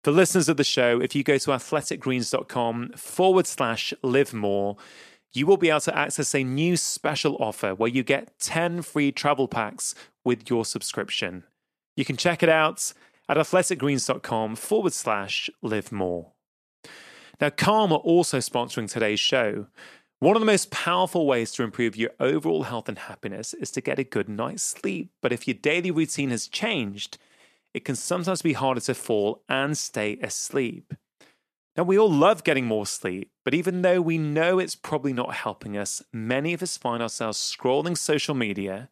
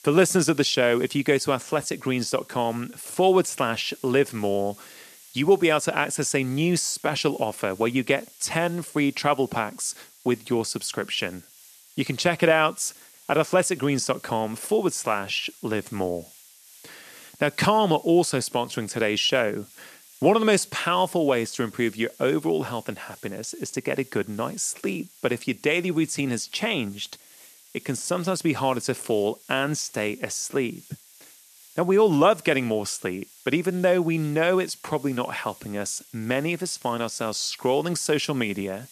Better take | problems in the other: first | hiss; faint; throughout; 25 dB below the speech

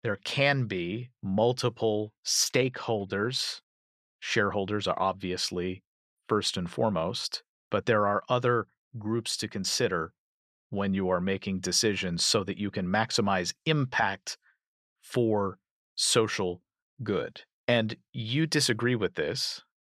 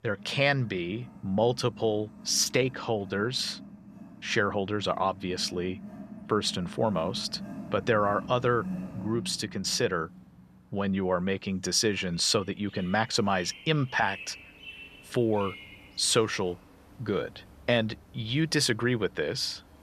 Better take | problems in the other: first | animal sounds; noticeable; throughout; 15 dB below the speech

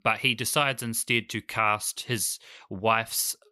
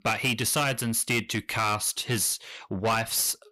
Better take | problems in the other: first | distortion; heavy; 6 dB below the speech

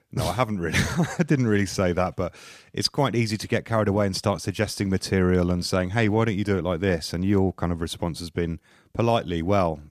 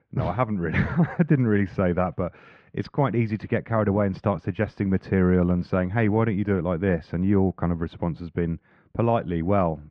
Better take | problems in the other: first | muffled; very; fading above 2 kHz

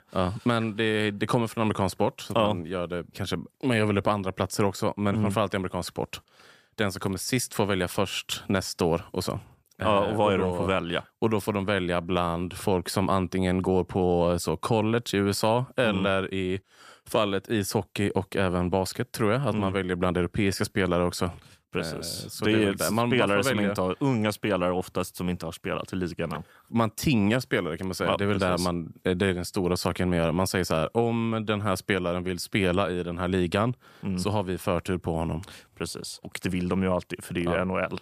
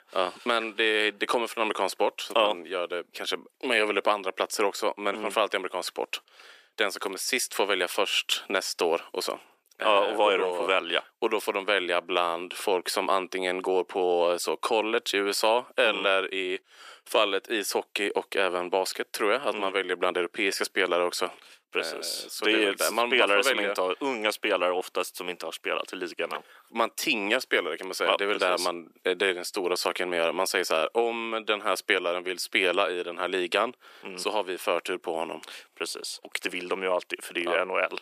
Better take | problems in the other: first | thin; very; fading below 350 Hz

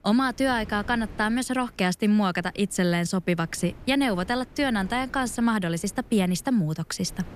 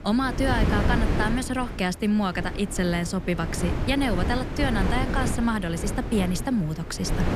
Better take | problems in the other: first | wind noise on the microphone; heavy; 6 dB below the speech; occasional gusts in the first

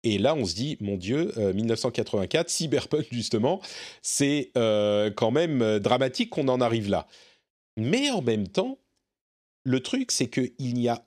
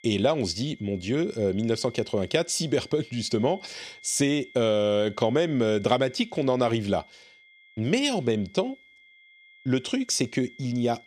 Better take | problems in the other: first | high-pitched whine; faint; throughout; 2 kHz, 25 dB below the speech

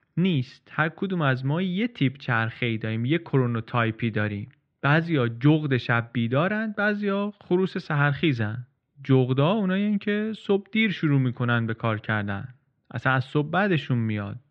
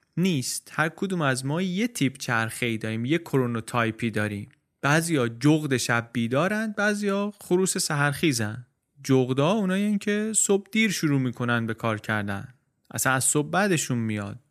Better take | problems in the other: second | muffled; very; fading above 3.5 kHz

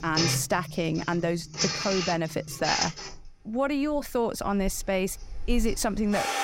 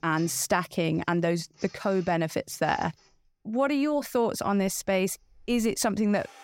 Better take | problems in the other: second | household noises; loud; throughout; 3 dB below the speech; faint in the second

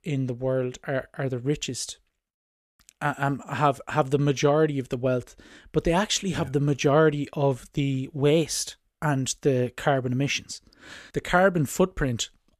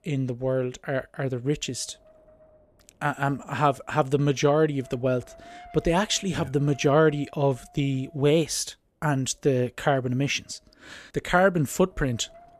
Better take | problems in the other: first | wind noise on the microphone; occasional gusts; 25 dB below the speech

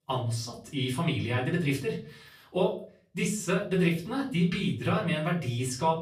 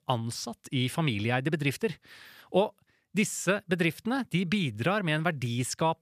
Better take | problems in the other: second | room echo; slight; dies away in 0.4 s // off-mic speech; far

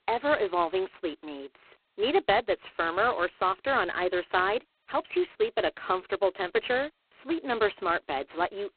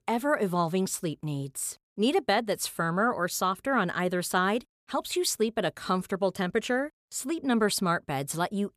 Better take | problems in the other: second | phone-call audio; poor line; nothing above 4 kHz

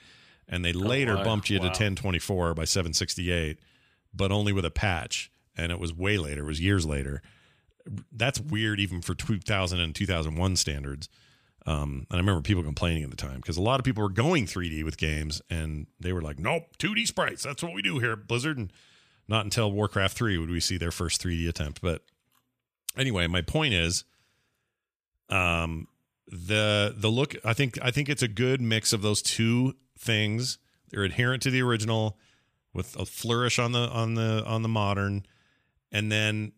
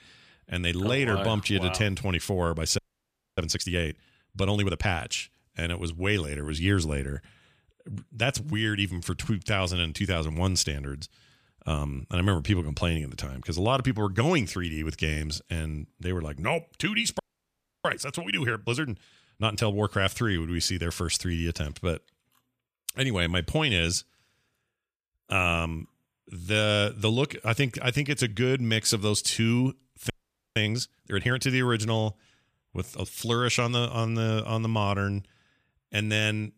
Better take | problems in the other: first | audio freezing; at 3 s for 0.5 s, at 17 s for 0.5 s and at 30 s

